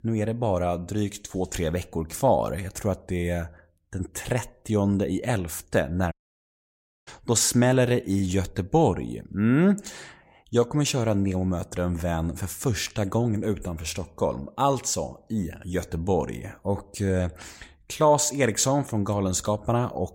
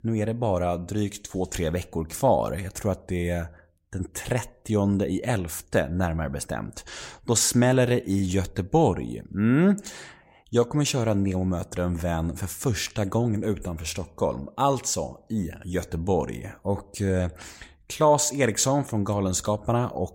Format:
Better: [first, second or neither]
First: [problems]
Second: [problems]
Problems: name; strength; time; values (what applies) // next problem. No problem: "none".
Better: second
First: audio cutting out; at 6 s for 1 s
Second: none